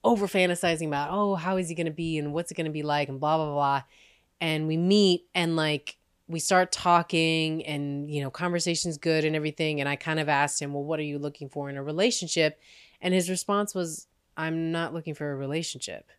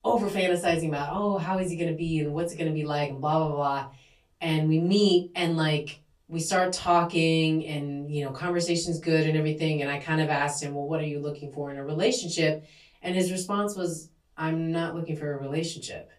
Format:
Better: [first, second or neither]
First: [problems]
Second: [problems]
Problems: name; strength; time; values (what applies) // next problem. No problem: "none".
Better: first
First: none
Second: off-mic speech; far // room echo; very slight; dies away in 0.2 s